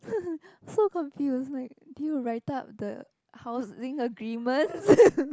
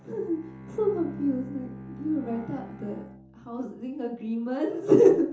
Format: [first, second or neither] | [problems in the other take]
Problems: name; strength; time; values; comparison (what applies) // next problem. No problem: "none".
first | background sound (Bowed string instrument); 16 dB below the speech // room echo; dies away in 0.6 s